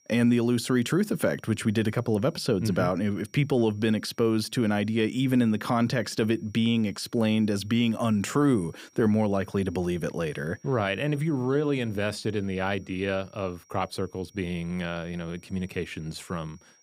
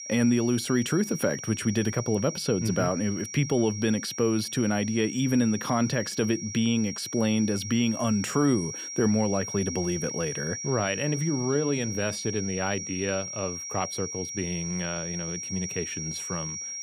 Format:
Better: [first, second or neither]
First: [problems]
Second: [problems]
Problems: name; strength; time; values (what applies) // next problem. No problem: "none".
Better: first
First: high-pitched whine; faint; throughout; 5.5 kHz, 35 dB below the speech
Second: high-pitched whine; loud; throughout; 5.5 kHz, 7 dB below the speech